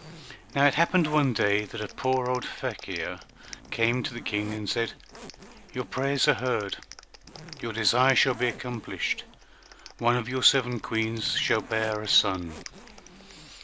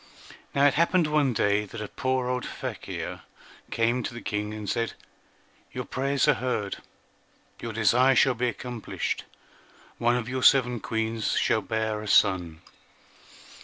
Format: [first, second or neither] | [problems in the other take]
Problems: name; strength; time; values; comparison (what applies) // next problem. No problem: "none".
second | background sound (Clapping + Zipper (clothing)); 18 dB below the speech